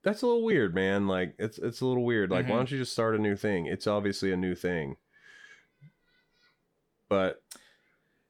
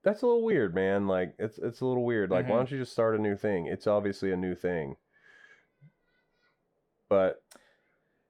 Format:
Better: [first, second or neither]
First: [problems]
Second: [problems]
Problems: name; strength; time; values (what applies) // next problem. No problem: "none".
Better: first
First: none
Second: muffled; slightly; fading above 2.5 kHz